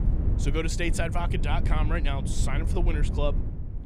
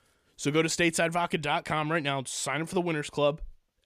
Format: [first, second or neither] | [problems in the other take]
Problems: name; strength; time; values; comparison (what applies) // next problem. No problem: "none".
second | low rumble; loud; throughout; 10 dB below the speech